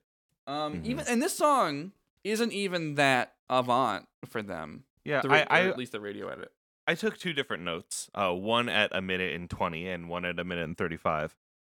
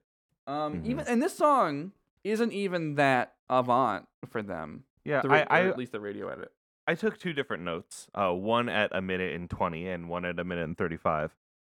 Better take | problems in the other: first | muffled; slightly; fading above 2.5 kHz

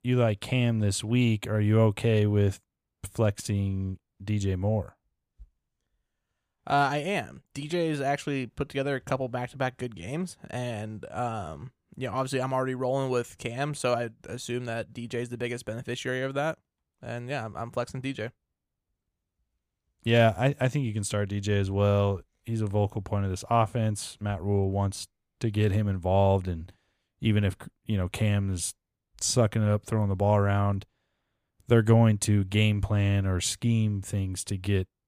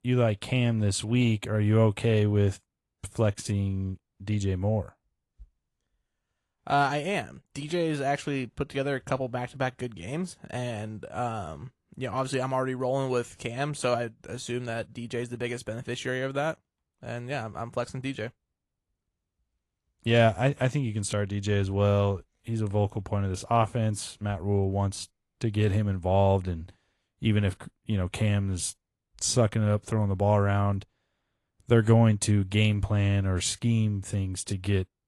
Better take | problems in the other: first | garbled, watery; slightly

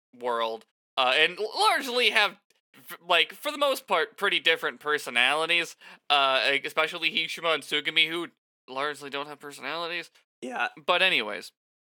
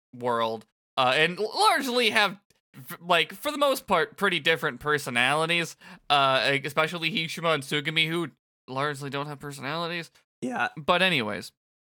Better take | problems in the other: second | thin; somewhat; fading below 350 Hz

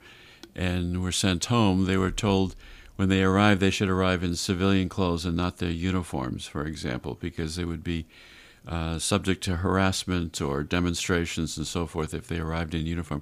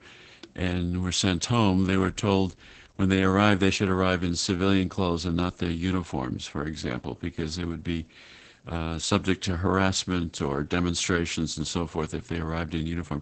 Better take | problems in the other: first | garbled, watery; badly; nothing above 8 kHz

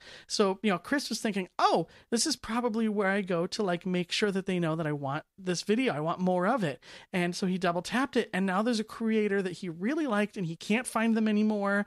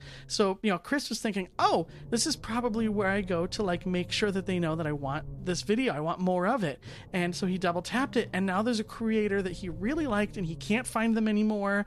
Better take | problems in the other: first | low rumble; faint; throughout; 25 dB below the speech

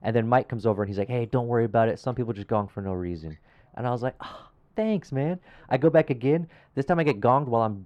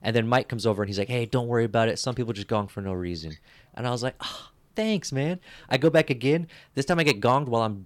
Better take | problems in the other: second | muffled; very; fading above 2.5 kHz

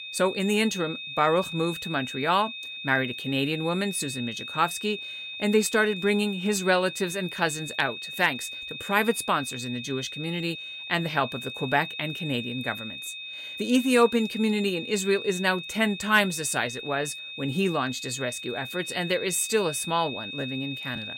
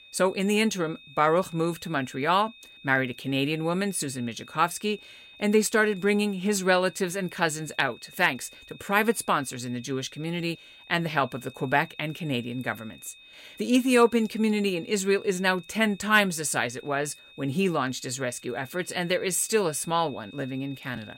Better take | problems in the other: second | high-pitched whine; loud; throughout; 2.5 kHz, 8 dB below the speech; faint in the second

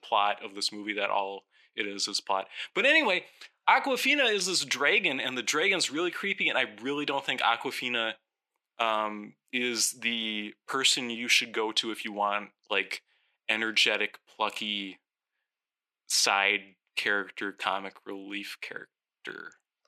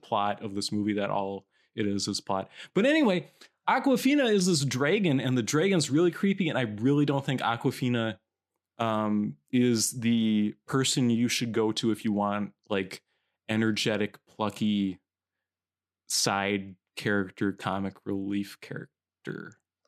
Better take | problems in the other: second | thin; somewhat; fading below 450 Hz

